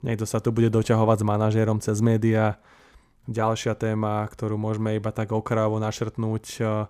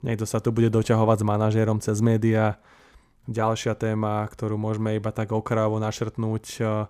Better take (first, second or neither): neither